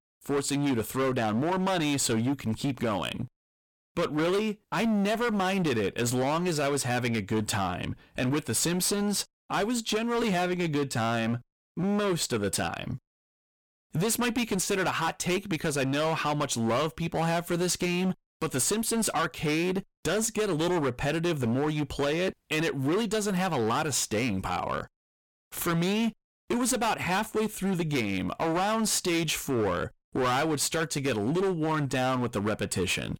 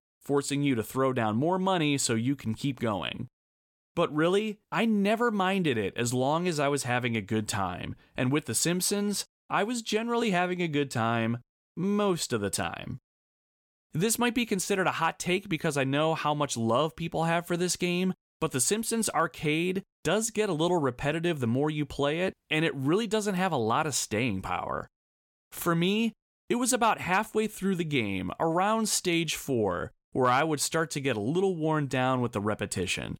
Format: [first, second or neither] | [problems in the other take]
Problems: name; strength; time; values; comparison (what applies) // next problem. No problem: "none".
second | distortion; heavy; 19% of the sound clipped